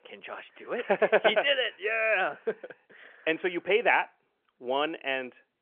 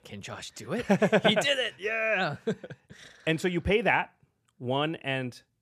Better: second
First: phone-call audio; nothing above 3 kHz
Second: none

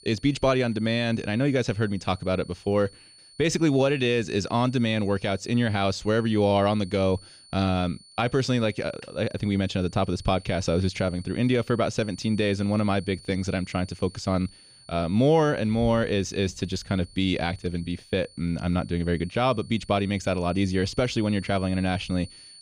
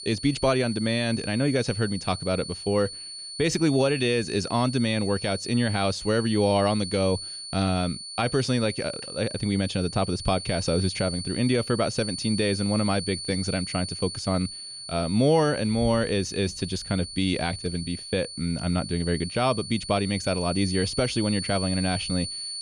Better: first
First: high-pitched whine; faint; throughout; 4.5 kHz, 25 dB below the speech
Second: high-pitched whine; loud; throughout; 4.5 kHz, 8 dB below the speech

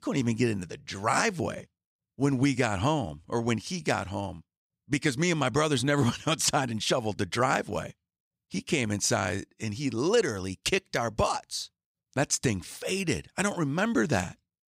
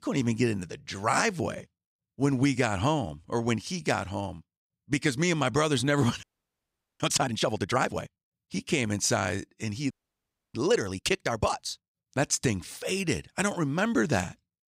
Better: first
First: none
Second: audio freezing; at 6 s for 1 s and at 10 s for 0.5 s

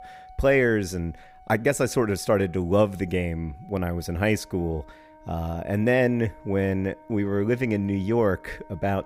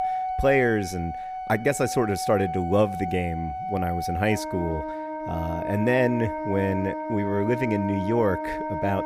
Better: first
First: background music; faint; throughout; 25 dB below the speech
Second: background music; loud; throughout; 6 dB below the speech

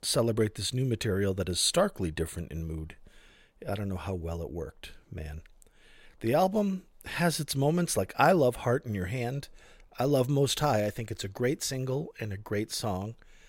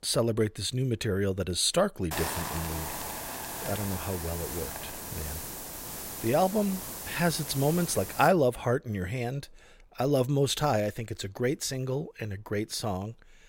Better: first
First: none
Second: hiss; loud; from 2 to 8.5 s; 7 dB below the speech

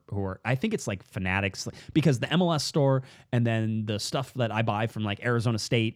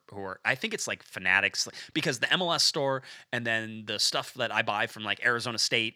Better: first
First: none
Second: thin; somewhat; fading below 1 kHz

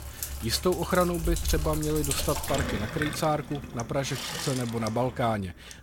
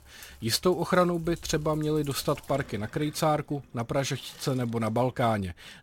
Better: second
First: household noises; loud; throughout; 5 dB below the speech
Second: household noises; faint; throughout; 20 dB below the speech

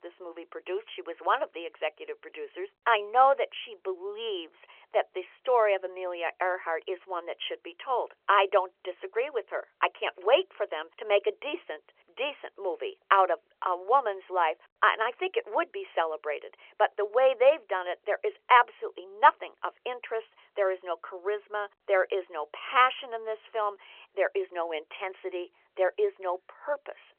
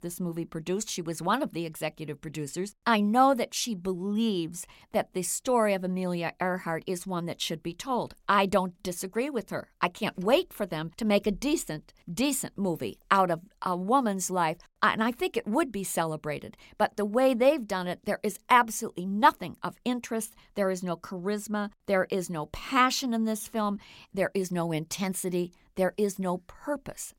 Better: second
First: phone-call audio; nothing above 3.5 kHz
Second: none

